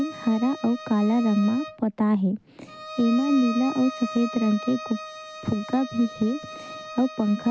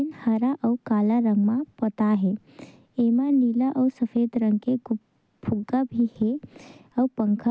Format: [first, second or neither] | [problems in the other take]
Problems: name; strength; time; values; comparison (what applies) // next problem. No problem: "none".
second | background sound (Bowed string instrument); 13 dB below the speech